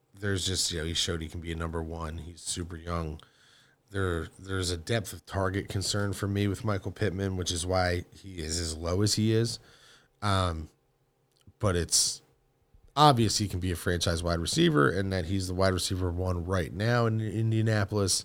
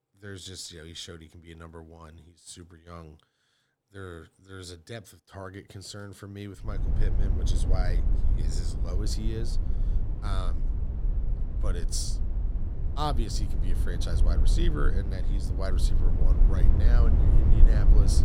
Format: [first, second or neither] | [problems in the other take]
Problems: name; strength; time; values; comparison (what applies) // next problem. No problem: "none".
first | low rumble; loud; from 6.5 s on; 4 dB below the speech